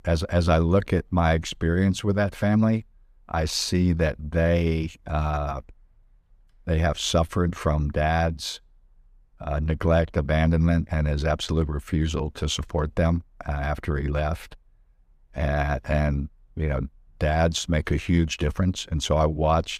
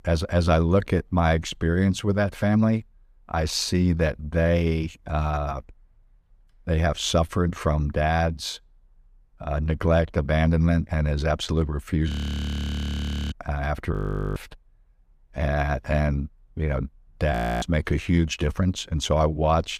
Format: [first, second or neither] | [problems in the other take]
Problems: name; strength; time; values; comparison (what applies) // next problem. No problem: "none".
first | audio freezing; at 12 s for 1 s, at 14 s and at 17 s